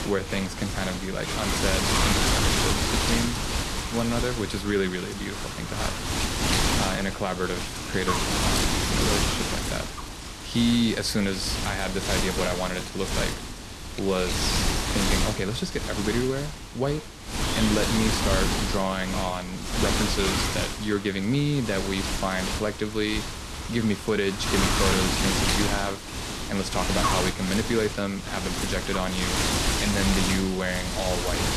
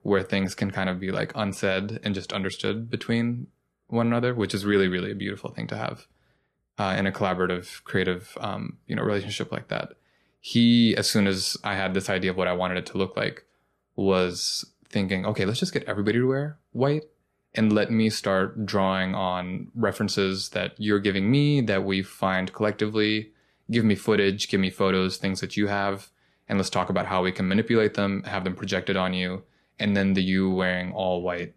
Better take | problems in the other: second | wind noise on the microphone; heavy; 2 dB above the speech

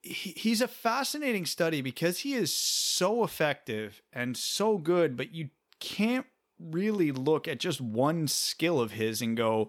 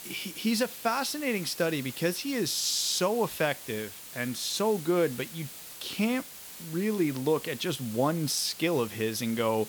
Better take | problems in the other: first | hiss; noticeable; throughout; 10 dB below the speech

